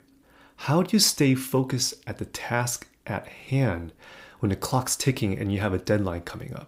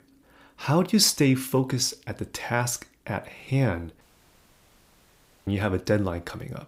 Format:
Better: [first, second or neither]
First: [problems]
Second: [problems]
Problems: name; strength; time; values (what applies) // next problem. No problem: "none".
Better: first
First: none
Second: audio cutting out; at 4 s for 1.5 s